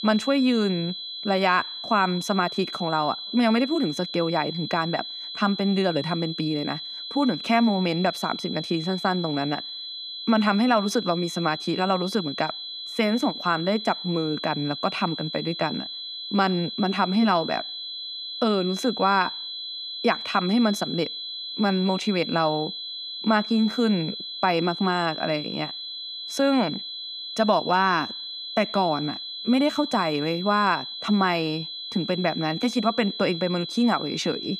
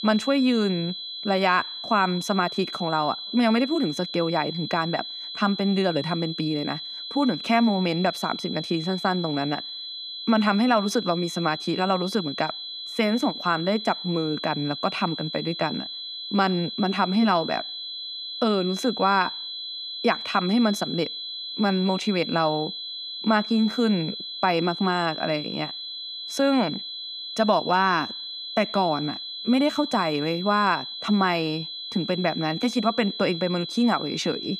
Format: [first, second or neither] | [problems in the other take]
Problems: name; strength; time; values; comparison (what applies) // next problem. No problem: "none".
neither | high-pitched whine; loud; throughout; 4 kHz, 7 dB below the speech; the same in both